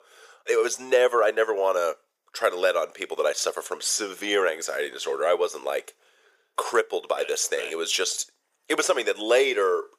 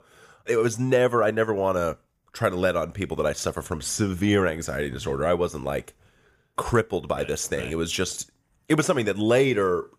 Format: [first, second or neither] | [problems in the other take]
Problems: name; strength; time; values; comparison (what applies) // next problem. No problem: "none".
second | thin; very; fading below 450 Hz